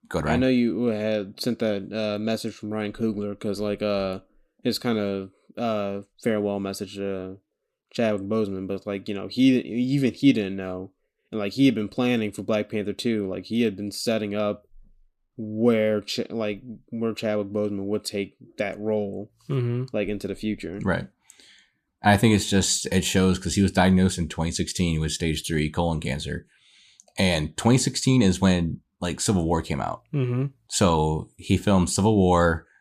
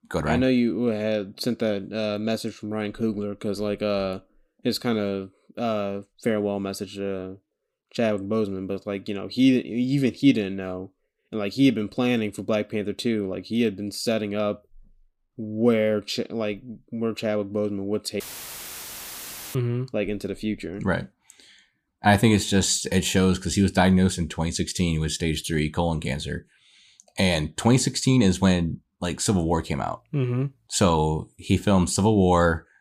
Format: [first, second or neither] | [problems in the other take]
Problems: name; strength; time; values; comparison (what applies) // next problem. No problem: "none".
first | audio cutting out; filled with static; at 18 s for 1.5 s